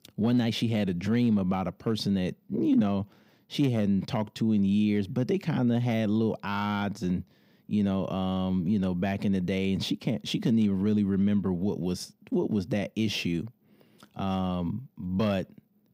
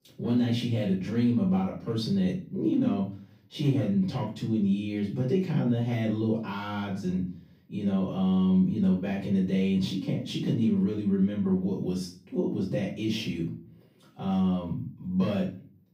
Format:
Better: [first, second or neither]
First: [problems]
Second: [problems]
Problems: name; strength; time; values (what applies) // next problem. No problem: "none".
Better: first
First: none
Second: off-mic speech; far // room echo; slight; dies away in 0.4 s